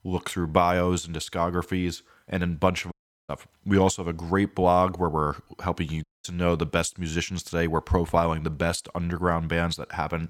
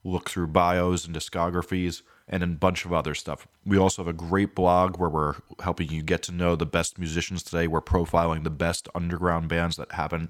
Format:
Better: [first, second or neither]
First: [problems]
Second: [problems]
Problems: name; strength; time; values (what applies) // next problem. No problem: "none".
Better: second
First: audio cutting out; at 3 s and at 6 s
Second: none